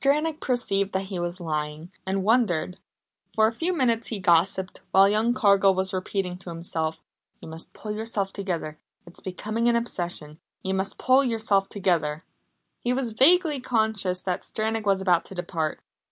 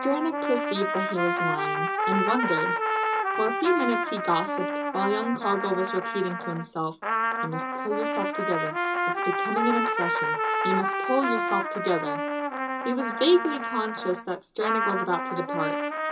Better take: first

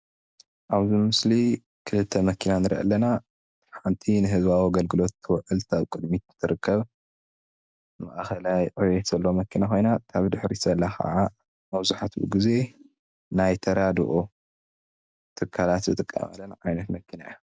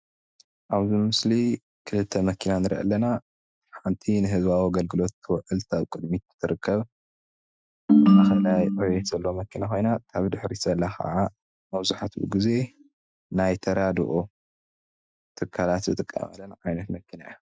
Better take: first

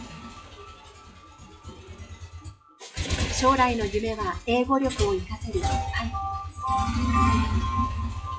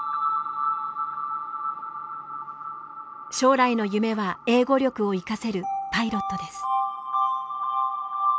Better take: second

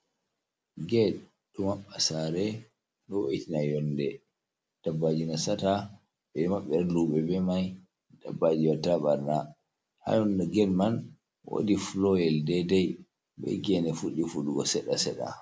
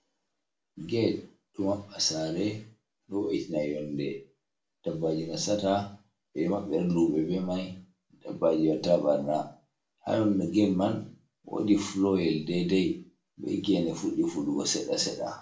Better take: first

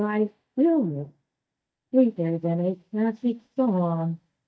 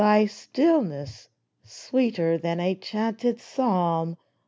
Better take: second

